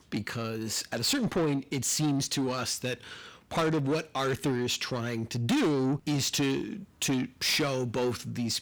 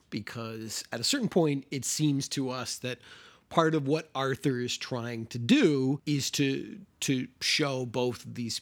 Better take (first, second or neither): second